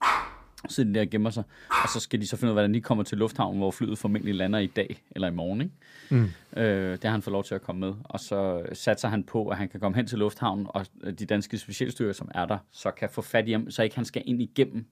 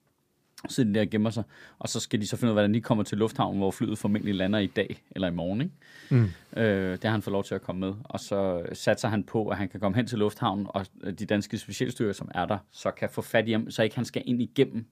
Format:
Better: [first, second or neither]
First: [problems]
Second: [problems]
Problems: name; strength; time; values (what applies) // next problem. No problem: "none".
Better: second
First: dog barking; loud; until 2 s; peak 3 dB above the speech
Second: none